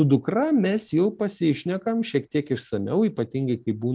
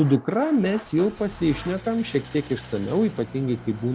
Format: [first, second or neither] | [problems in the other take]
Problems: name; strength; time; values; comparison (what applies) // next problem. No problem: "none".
first | background sound (Idling / Engine starting); 17 dB below the speech